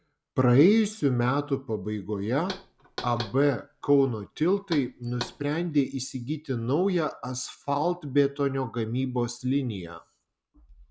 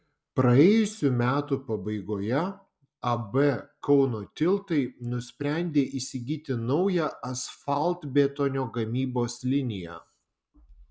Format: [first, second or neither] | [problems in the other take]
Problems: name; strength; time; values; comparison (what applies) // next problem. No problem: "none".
second | background sound (Knock); 15 dB below the speech